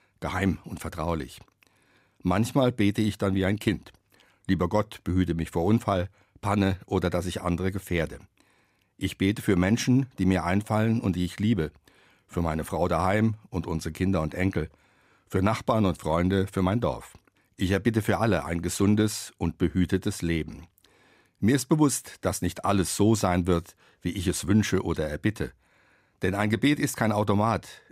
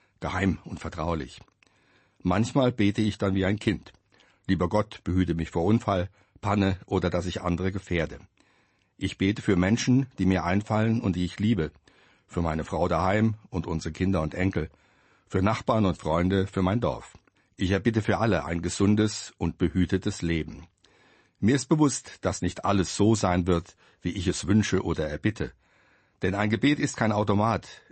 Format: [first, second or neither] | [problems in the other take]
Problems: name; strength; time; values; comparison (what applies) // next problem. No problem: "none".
first | garbled, watery; slightly; nothing above 8 kHz